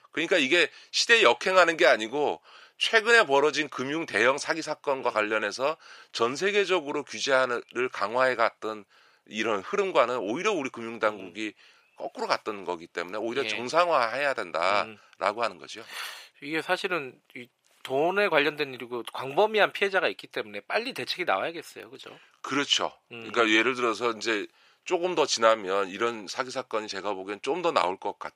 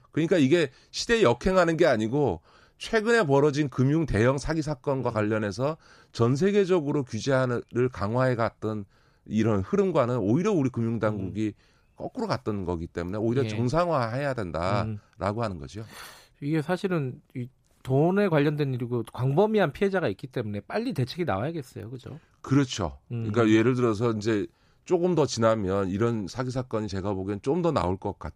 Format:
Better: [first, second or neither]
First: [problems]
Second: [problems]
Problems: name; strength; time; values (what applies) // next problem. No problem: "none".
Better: second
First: thin; very; fading below 550 Hz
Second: none